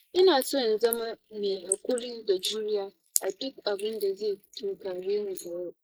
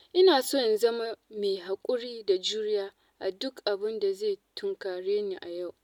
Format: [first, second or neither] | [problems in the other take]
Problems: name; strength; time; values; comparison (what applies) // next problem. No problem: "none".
second | noise reduction (neural mask model Resemble Enhance denoiser)